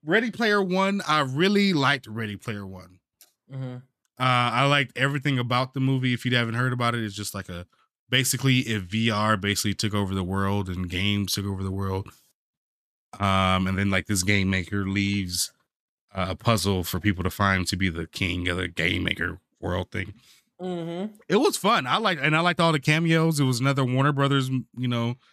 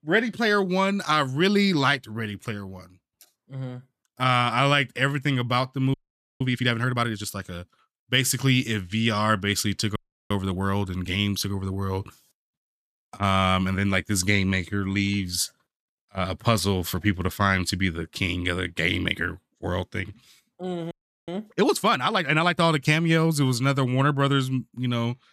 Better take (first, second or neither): first